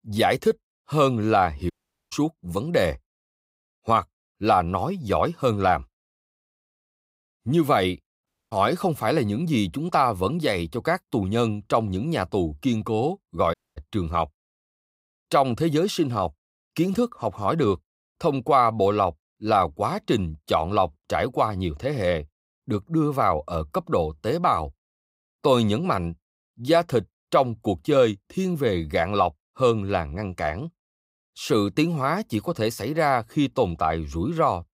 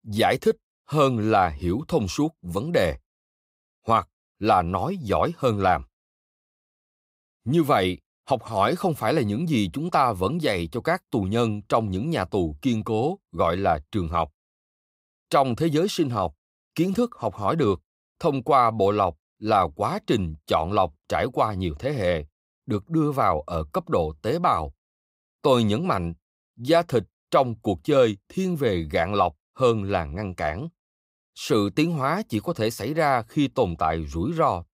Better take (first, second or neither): second